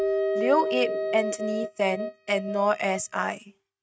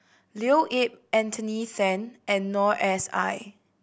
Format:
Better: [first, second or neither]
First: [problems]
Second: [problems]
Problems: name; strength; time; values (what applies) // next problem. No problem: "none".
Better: second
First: noise reduction (neural mask model RNNoise)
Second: none